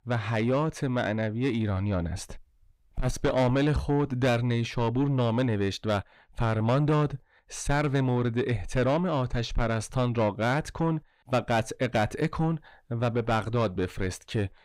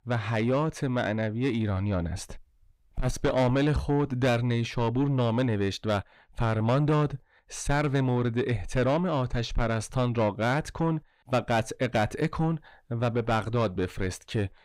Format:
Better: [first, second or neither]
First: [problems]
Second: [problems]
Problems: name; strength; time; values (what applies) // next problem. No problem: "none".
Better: neither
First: distortion; slight; 10 dB below the speech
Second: distortion; slight; 10 dB below the speech